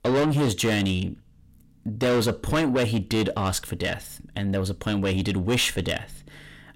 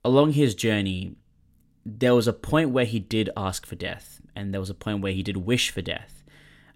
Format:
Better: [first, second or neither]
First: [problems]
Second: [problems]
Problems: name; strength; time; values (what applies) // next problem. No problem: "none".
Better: second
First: distortion; heavy; 6 dB below the speech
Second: none